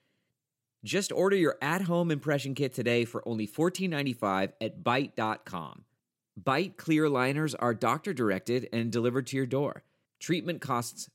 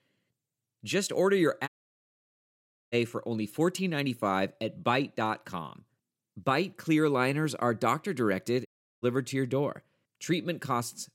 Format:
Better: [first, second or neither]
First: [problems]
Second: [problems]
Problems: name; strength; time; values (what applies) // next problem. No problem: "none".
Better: first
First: none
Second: audio cutting out; at 1.5 s for 1 s and at 8.5 s